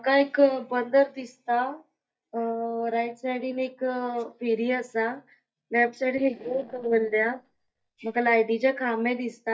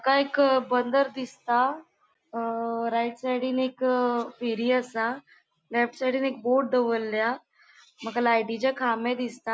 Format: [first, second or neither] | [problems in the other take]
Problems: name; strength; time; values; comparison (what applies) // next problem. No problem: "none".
second | noise reduction (neural mask model DeepFilterNet 3)